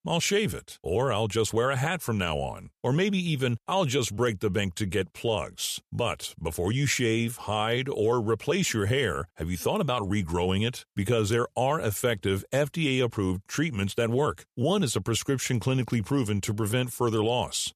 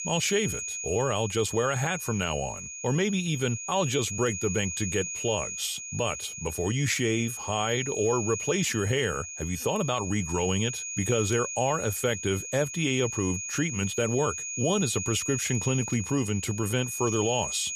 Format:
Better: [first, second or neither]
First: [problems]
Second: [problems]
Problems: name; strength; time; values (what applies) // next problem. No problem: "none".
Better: first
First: none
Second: high-pitched whine; loud; throughout; 6.5 kHz, 5 dB below the speech